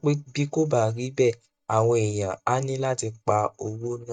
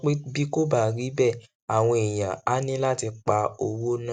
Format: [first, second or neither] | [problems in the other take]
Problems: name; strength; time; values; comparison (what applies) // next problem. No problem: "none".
second | noise reduction (neural mask model DeepFilterNet 3)